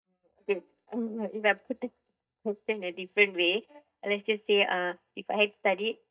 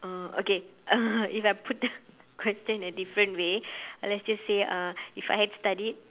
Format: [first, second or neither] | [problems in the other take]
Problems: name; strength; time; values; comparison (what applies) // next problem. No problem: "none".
second | noise reduction (neural mask model DeepFilterNet 3)